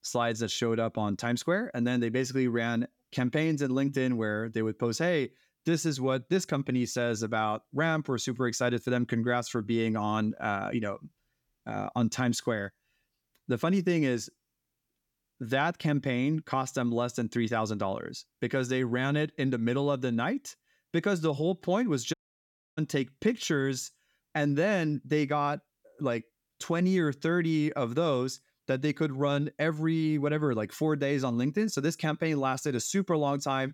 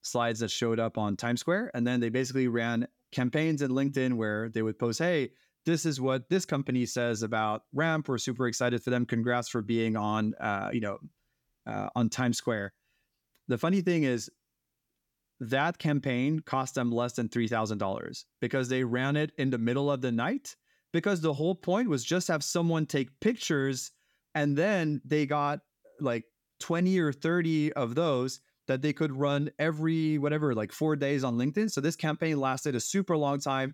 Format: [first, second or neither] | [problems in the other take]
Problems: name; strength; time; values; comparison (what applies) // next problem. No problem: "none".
second | audio cutting out; at 22 s for 0.5 s